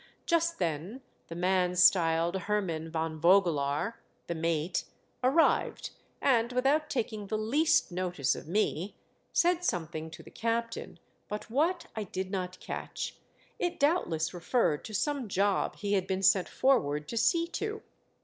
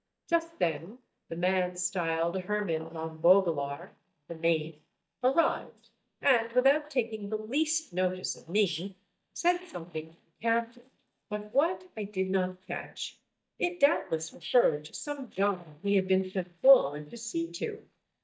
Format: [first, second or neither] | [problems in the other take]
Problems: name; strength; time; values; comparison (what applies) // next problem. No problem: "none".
first | noise reduction (neural mask model DeepFilterNet 3)